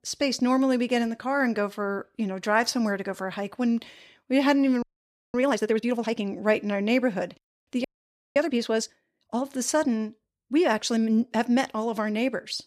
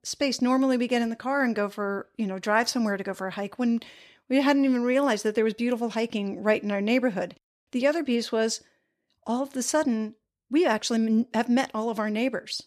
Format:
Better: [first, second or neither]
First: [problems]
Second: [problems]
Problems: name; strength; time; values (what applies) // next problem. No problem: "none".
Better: second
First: audio freezing; at 5 s for 0.5 s and at 8 s for 0.5 s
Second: none